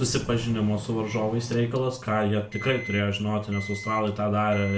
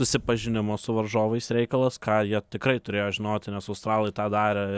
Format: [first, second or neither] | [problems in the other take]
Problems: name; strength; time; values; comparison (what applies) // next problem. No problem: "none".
second | background sound (Microwave oven); 15 dB below the speech // room echo; dies away in 0.4 s